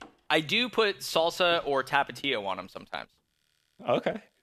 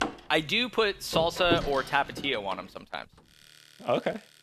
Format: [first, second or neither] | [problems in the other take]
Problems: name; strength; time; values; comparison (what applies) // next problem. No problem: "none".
first | household noises; loud; throughout; 9 dB below the speech; faint in the first